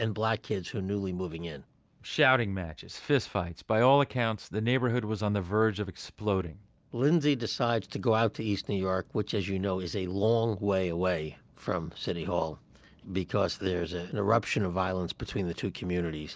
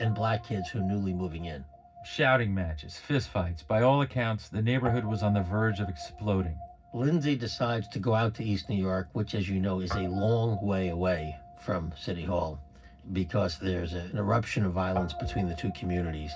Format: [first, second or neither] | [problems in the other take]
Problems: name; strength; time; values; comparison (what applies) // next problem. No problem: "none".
first | background sound (Guitar); 15 dB below the speech // room echo; dies away in 0.4 s